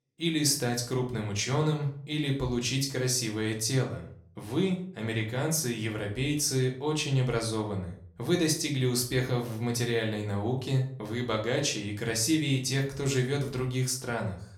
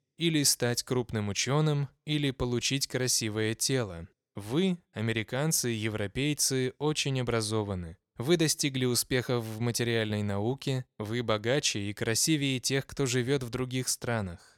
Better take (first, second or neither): second